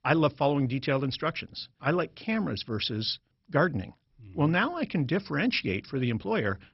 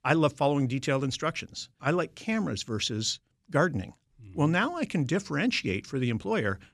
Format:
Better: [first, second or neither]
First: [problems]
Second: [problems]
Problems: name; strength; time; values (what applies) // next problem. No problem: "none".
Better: second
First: garbled, watery; badly; nothing above 5.5 kHz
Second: none